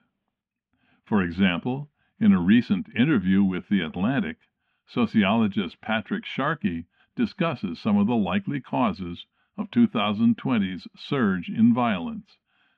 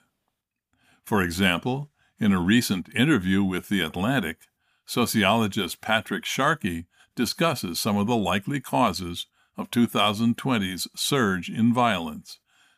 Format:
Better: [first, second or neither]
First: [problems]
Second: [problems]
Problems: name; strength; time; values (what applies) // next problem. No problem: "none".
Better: second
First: muffled; slightly; fading above 3 kHz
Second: none